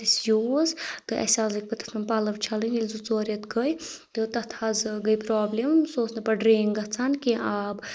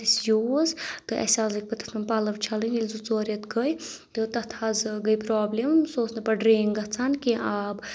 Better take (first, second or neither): second